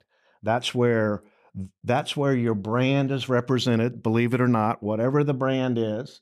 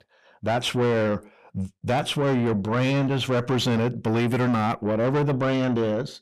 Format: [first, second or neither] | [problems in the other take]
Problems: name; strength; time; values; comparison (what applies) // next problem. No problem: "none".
first | distortion; heavy; 7 dB below the speech